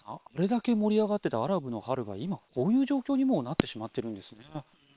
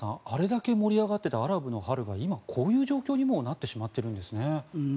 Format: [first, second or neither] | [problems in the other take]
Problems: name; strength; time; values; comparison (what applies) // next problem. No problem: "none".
second | noise reduction (neural separator model SepFormer WHAM!)